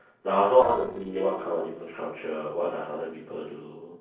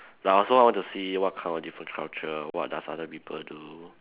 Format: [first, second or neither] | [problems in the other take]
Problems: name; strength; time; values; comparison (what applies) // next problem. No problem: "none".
second | noise reduction (neural separator model SepFormer DNS4)